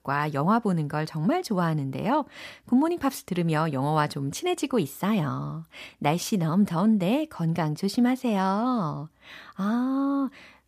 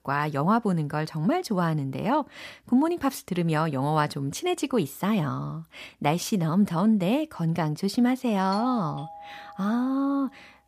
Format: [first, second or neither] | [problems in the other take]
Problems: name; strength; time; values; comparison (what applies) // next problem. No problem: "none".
first | doorbell; faint; from 8.5 to 10 s; peak 10 dB below the speech